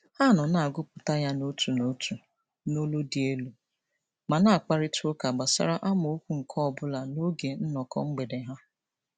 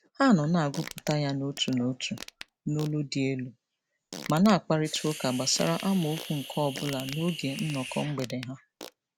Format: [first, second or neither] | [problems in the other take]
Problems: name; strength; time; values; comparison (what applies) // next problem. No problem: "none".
first | background sound (Fart + Hiss); 14 dB below the speech